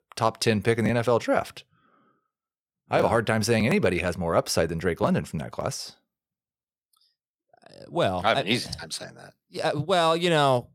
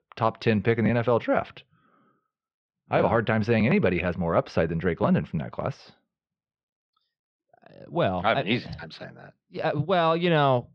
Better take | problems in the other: first | muffled; slightly; fading above 3.5 kHz

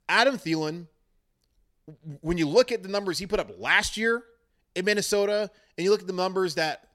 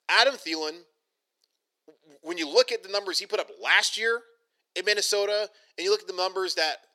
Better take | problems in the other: first | thin; very; fading below 400 Hz

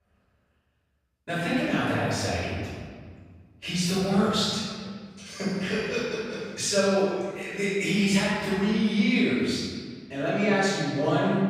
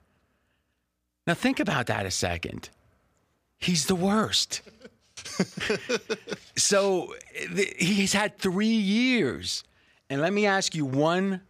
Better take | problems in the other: second | off-mic speech; far // room echo; strong; dies away in 1.7 s

